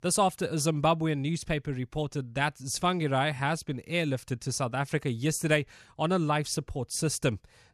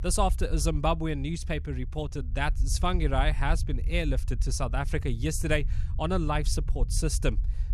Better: first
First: none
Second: low rumble; faint; throughout; 20 dB below the speech

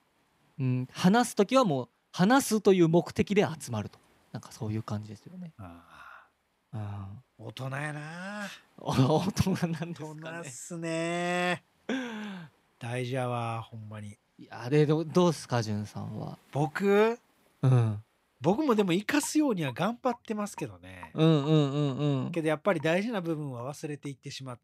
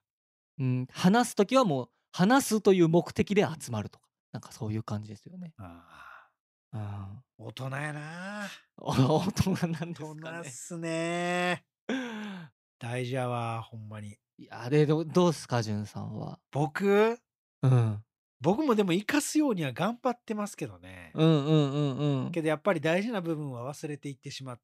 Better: second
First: rain or running water; faint; throughout; 30 dB below the speech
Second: none

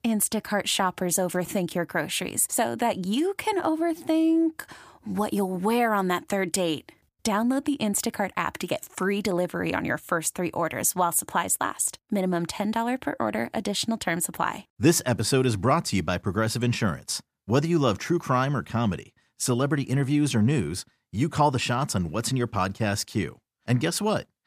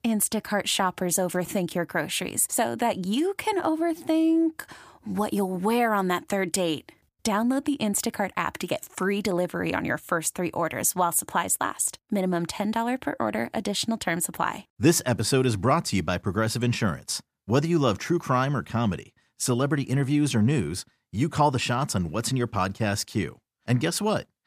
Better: neither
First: none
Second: none

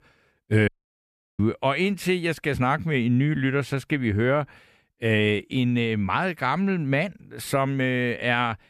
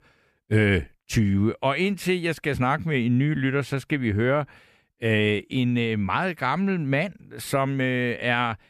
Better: second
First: audio cutting out; at 0.5 s for 0.5 s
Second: none

